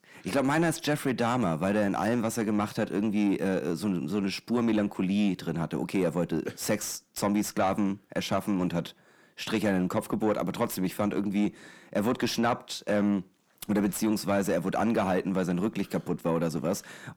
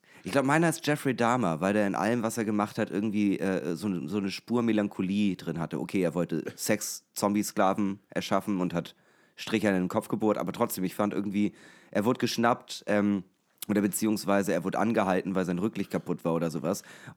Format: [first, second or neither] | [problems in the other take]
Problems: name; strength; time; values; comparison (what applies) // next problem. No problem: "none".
second | distortion; slight; 10 dB below the speech